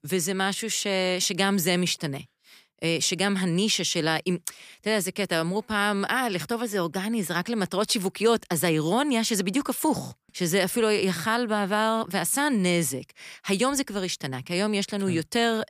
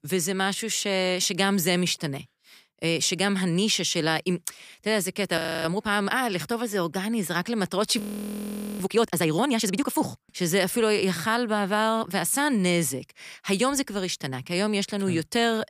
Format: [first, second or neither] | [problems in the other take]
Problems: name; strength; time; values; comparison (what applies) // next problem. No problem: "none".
first | audio freezing; at 5.5 s and at 8 s for 1 s